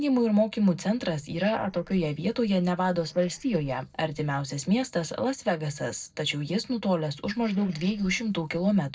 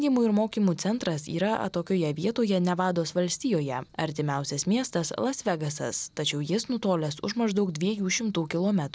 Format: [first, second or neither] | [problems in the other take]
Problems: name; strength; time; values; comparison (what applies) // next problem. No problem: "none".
second | noise reduction (neural separator model SepFormer DNS4)